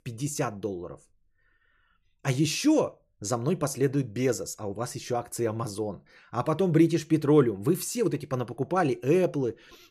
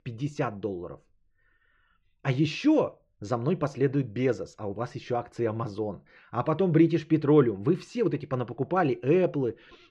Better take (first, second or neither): first